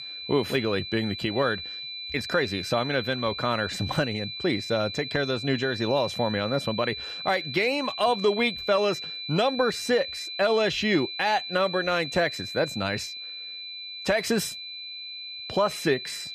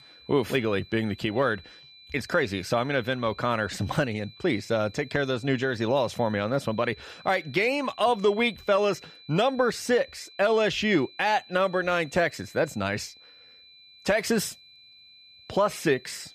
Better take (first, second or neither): second